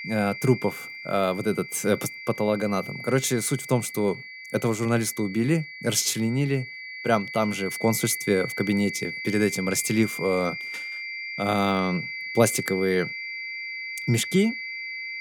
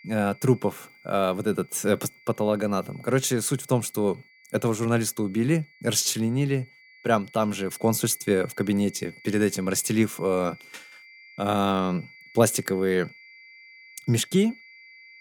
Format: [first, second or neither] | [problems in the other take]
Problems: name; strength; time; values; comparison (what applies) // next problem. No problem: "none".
second | high-pitched whine; loud; throughout; 2 kHz, 8 dB below the speech; faint in the second